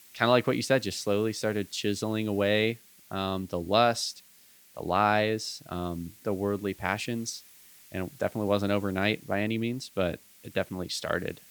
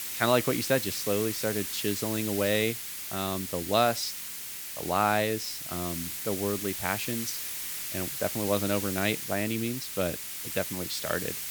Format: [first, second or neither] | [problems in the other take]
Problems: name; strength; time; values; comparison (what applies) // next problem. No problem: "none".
first | hiss; loud; throughout; 3 dB below the speech; faint in the first